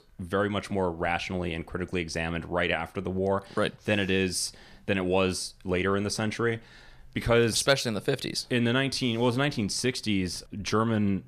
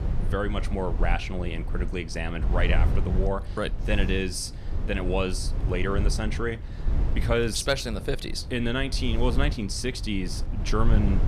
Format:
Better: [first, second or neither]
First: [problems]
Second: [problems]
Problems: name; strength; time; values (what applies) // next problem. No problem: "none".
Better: first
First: none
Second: low rumble; noticeable; throughout; 15 dB below the speech